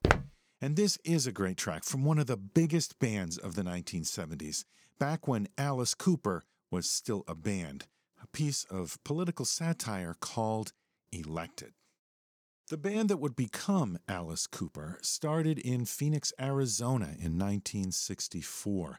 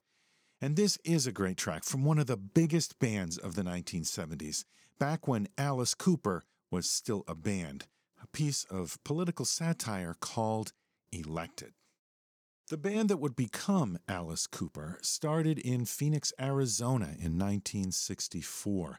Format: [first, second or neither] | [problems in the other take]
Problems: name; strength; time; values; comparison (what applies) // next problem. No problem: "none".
second | footsteps; loud; at the start; peak 4 dB above the speech